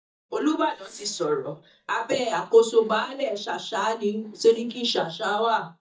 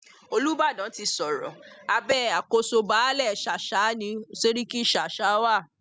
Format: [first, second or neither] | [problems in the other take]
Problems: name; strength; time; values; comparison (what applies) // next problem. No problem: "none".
second | noise reduction (neural mask model DeepFilterNet 3)